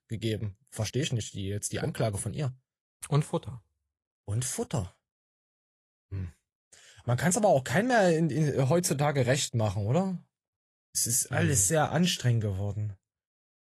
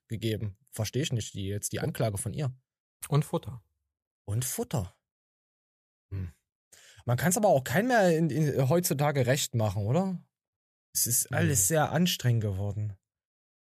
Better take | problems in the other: second | garbled, watery; slightly; nothing above 12 kHz

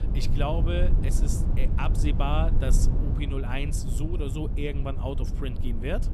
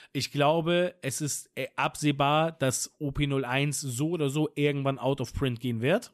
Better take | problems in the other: second | low rumble; loud; throughout; 7 dB below the speech

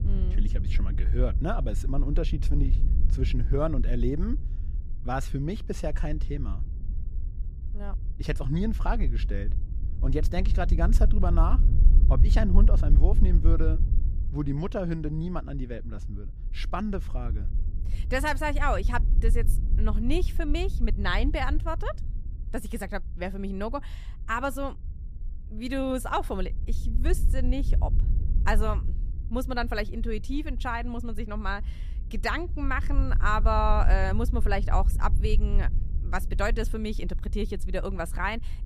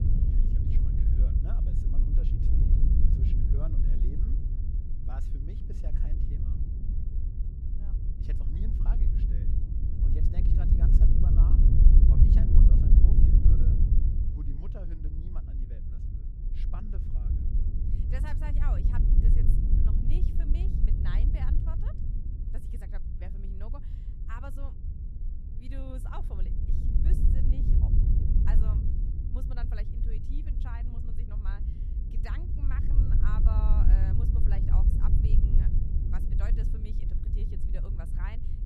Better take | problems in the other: first | wind noise on the microphone; heavy; 3 dB above the speech; occasional gusts in the first

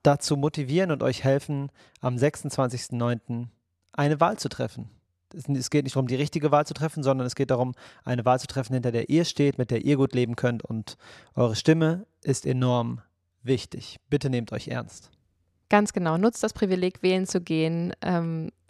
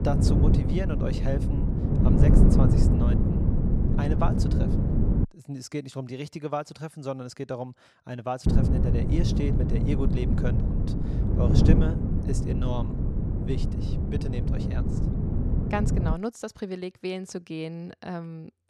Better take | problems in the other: first | wind noise on the microphone; heavy; until 5.5 s and from 8.5 to 16 s; 1 dB above the speech

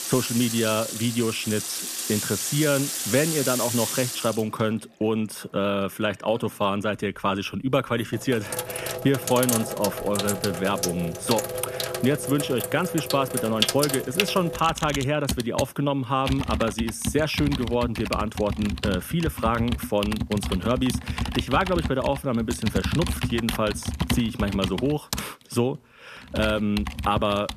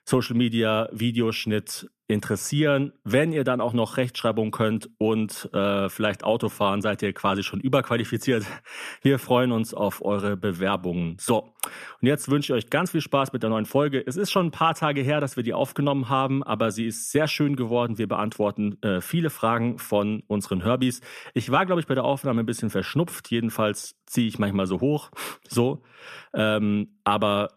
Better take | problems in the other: second | household noises; loud; throughout; 4 dB below the speech

